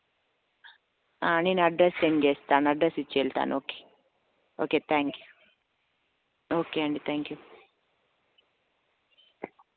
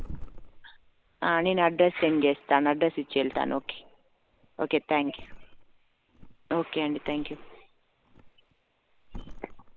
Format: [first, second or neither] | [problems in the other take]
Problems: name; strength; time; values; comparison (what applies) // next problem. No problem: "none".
first | background sound (Thump, thud); 16 dB below the speech